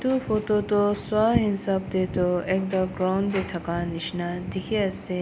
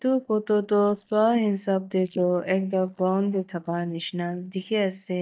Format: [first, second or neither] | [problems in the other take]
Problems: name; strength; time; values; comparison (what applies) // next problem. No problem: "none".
first | noise reduction (neural mask model DeepFilterNet 3)